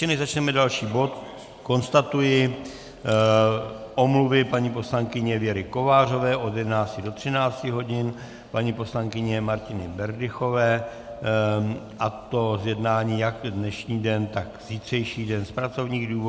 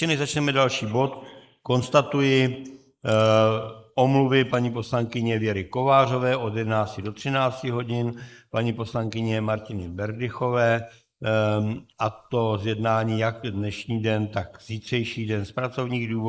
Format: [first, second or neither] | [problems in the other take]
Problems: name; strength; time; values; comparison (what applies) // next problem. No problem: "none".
first | noise reduction (neural mask model Resemble Enhance denoiser)